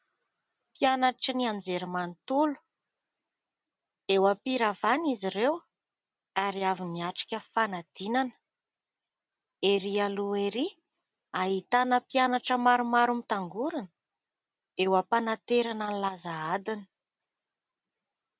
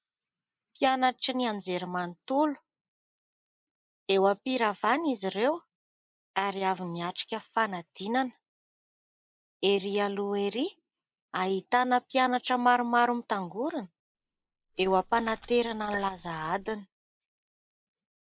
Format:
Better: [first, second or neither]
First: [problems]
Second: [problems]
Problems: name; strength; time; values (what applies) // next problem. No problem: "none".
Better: first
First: none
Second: noise reduction (neural mask model Resemble Enhance denoiser)